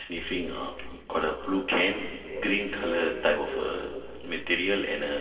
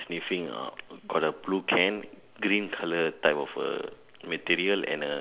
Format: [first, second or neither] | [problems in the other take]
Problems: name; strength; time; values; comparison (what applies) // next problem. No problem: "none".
second | noise reduction (neural separator model SepFormer DNS4)